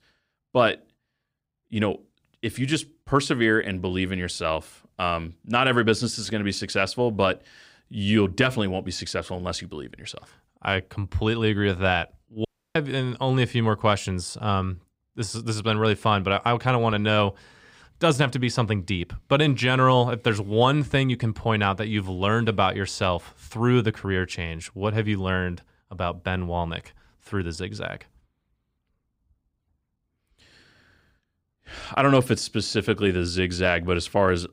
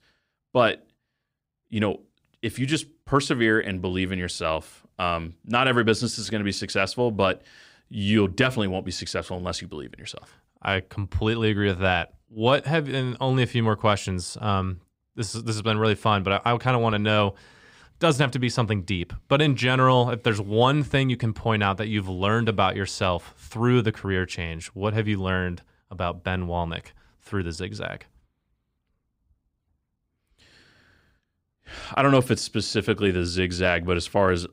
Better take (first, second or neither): second